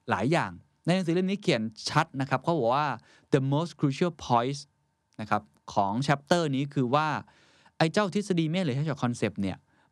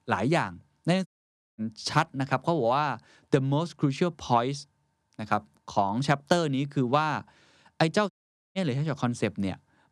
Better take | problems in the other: first | audio cutting out; at 1 s for 0.5 s and at 8 s

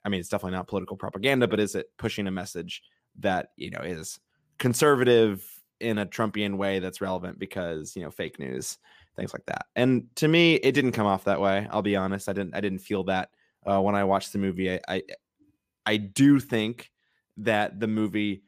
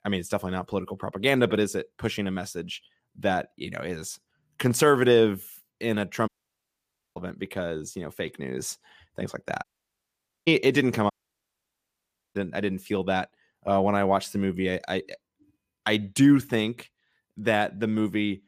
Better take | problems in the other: first | audio cutting out; at 6.5 s for 1 s, at 9.5 s for 1 s and at 11 s for 1.5 s

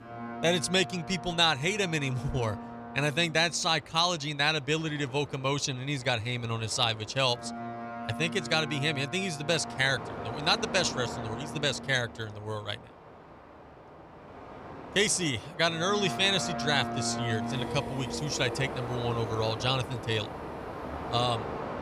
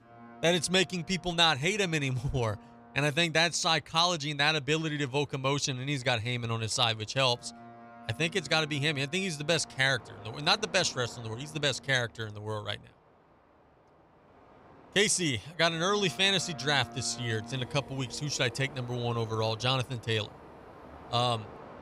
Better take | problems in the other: second | train or aircraft noise; loud; throughout; 10 dB below the speech; faint in the second

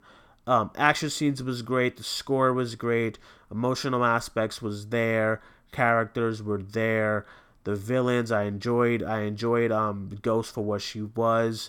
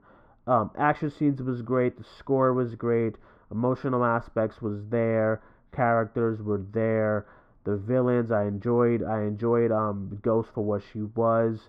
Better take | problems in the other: first | muffled; very; fading above 3 kHz

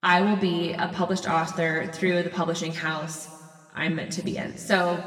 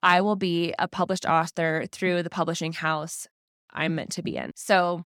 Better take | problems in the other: second | room echo; slight; dies away in 1.4 s // off-mic speech; somewhat distant

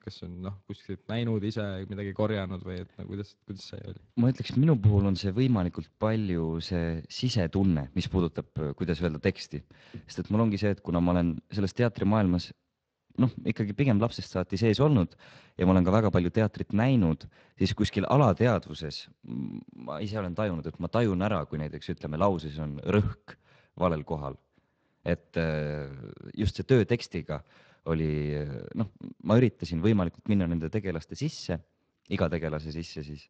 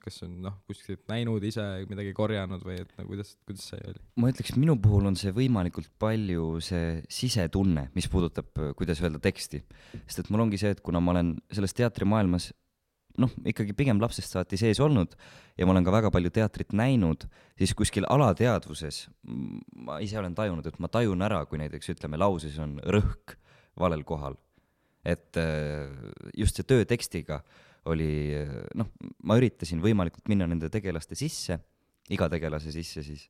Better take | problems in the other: second | garbled, watery; slightly; nothing above 16.5 kHz

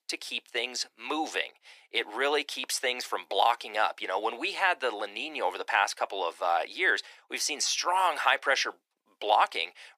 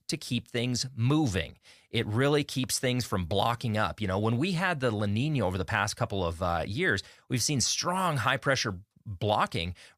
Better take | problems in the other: second | thin; very; fading below 350 Hz

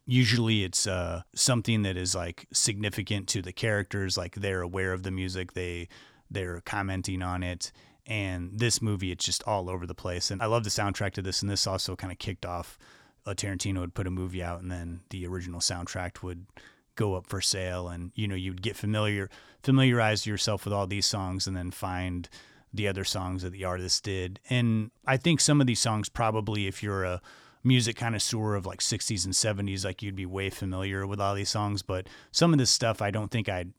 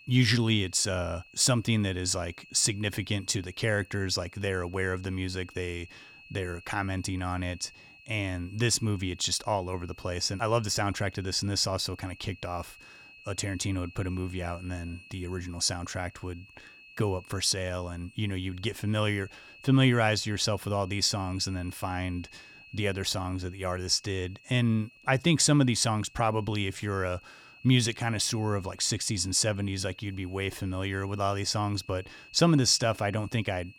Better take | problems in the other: first | high-pitched whine; faint; throughout; 2.5 kHz, 25 dB below the speech

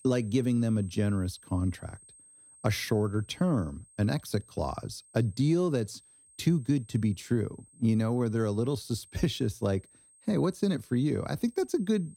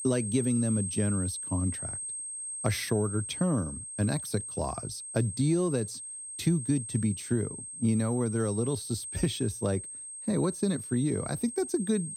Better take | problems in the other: first | high-pitched whine; loud; throughout; 8.5 kHz, 6 dB below the speech; faint in the first

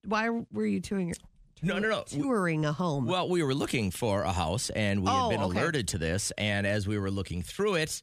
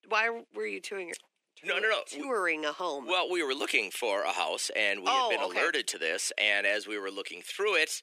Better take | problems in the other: first | thin; very; fading below 350 Hz

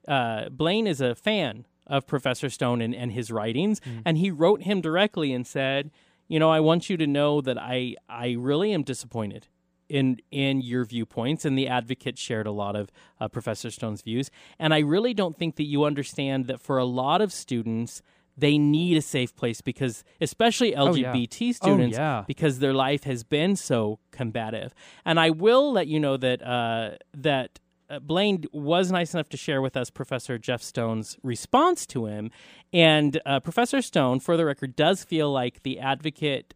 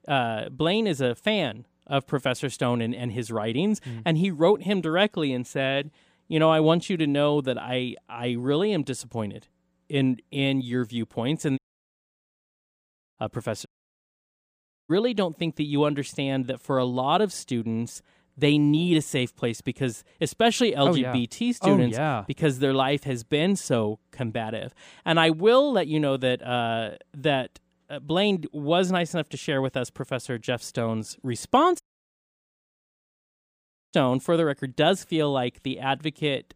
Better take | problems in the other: first | audio cutting out; at 12 s for 1.5 s, at 14 s for 1 s and at 32 s for 2 s

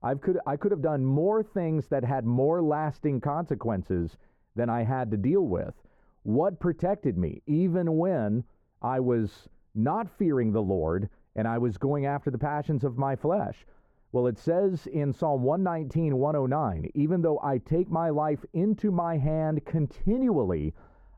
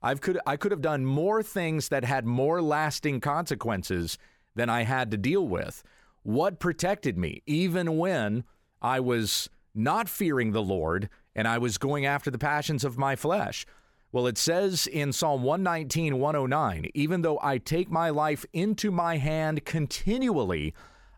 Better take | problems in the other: second | muffled; very; fading above 2 kHz

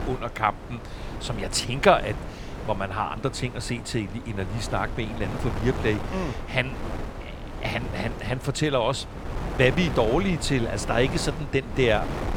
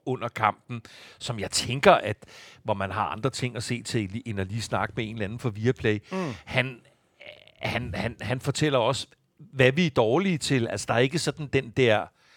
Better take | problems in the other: second | wind noise on the microphone; occasional gusts; 10 dB below the speech

